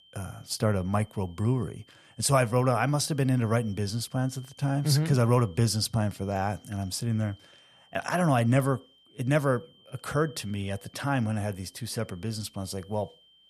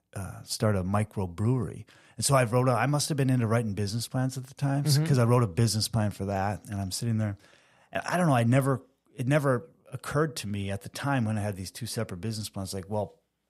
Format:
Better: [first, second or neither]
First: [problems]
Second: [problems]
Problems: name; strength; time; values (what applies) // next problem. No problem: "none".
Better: second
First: high-pitched whine; faint; throughout; 3 kHz, 30 dB below the speech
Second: none